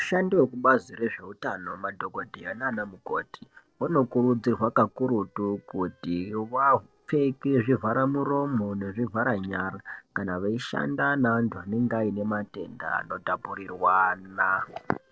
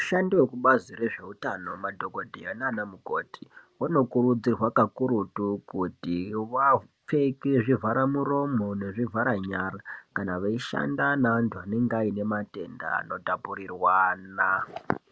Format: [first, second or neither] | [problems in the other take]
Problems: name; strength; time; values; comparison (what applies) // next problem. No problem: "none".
second | noise reduction (neural separator model SepFormer DNS4)